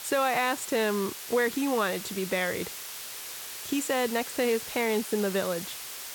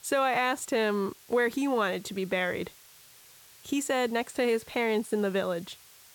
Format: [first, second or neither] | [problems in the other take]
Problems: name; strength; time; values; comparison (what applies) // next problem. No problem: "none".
second | hiss; loud; throughout; 8 dB below the speech; faint in the second